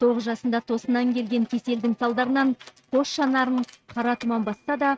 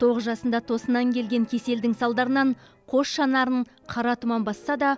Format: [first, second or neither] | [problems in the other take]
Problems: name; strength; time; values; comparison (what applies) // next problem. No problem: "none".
second | noise reduction (neural mask model RNNoise)